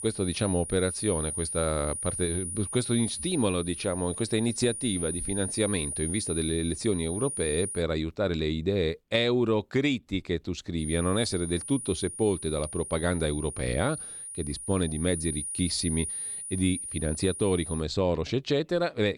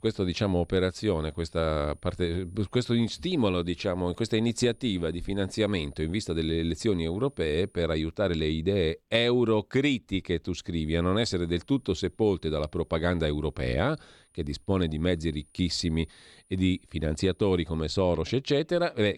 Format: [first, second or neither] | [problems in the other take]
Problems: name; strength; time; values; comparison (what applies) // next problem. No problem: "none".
second | high-pitched whine; loud; until 8 s and from 11 to 18 s; 9.5 kHz, 5 dB below the speech; faint in the second